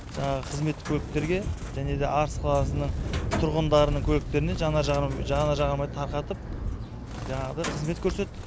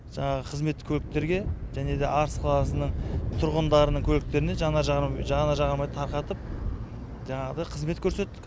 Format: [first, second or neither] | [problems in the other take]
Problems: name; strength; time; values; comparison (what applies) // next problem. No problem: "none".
second | background sound (Bird); 13 dB below the speech